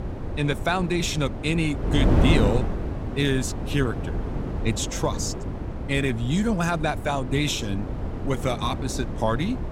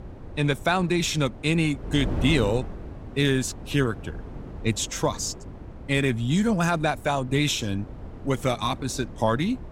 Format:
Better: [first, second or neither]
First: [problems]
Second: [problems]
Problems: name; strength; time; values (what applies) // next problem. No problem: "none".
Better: second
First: wind noise on the microphone; heavy; 7 dB below the speech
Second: wind noise on the microphone; occasional gusts; 20 dB below the speech